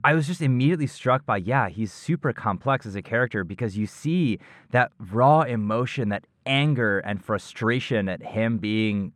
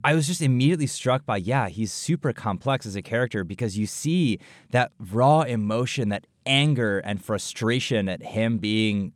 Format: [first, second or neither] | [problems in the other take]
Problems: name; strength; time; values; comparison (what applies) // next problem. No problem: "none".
second | muffled; slightly; fading above 3.5 kHz